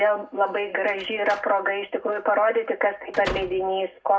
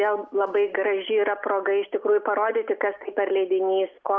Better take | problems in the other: second | background sound (Slam); 16 dB below the speech // room echo; dies away in 0.3 s

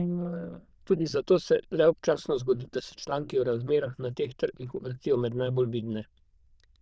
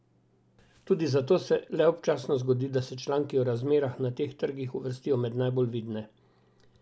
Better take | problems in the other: second | noise reduction (neural diffusion model UNIVERSE++)

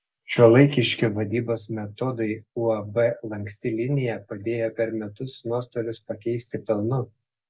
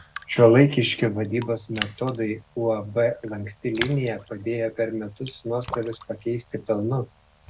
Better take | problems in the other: first | background sound (Raindrop); 16 dB below the speech

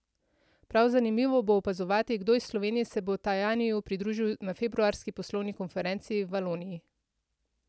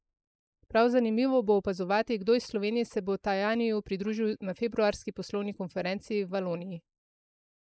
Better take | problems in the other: first | noise reduction (neural mask model Resemble Enhance denoiser)

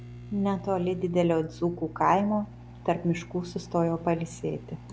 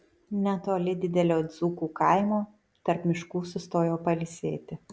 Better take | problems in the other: second | background sound (Microwave oven); 16 dB below the speech

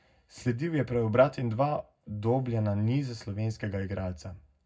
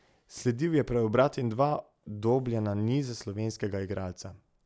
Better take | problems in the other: second | room echo; dies away in 0.3 s

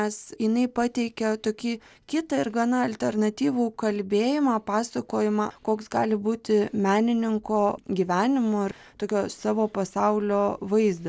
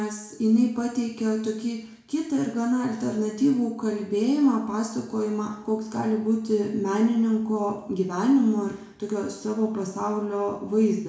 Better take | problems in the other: first | room echo; dies away in 0.6 s

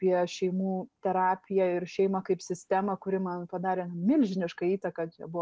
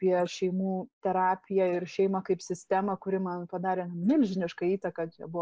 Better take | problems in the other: first | noise reduction (neural mask model Resemble Enhance denoiser)

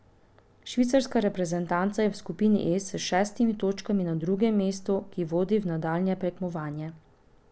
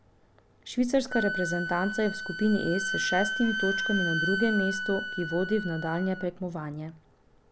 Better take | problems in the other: first | background sound (Wind instrument, woodwind instrument); 4 dB below the speech

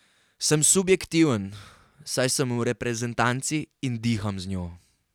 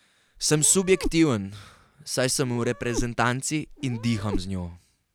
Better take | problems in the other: first | background sound (Meow); 9 dB below the speech

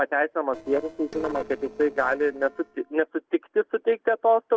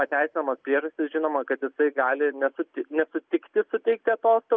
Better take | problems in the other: second | noise reduction (neural separator model SepFormer DNS4)

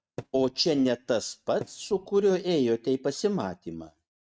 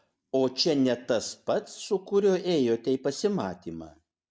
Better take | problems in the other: second | noise reduction (neural mask model RNNoise)

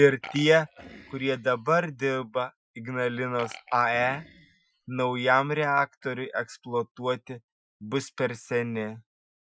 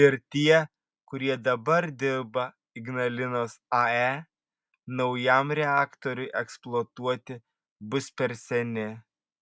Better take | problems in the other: second | noise reduction (classical method Wiener filter)

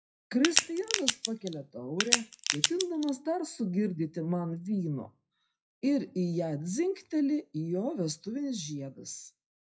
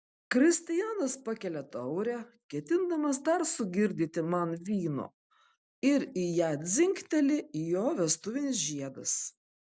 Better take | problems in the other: second | noise reduction (classical method WPE with log-MMSE)

